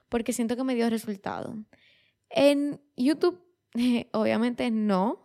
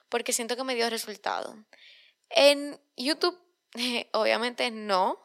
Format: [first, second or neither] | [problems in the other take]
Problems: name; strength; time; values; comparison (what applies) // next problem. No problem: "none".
first | thin; somewhat; fading below 600 Hz